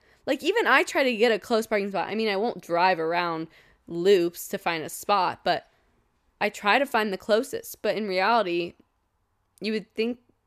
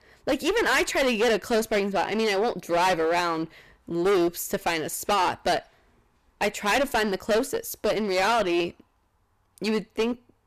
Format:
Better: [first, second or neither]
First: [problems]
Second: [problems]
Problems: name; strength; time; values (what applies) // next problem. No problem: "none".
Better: first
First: none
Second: distortion; heavy; 16% of the sound clipped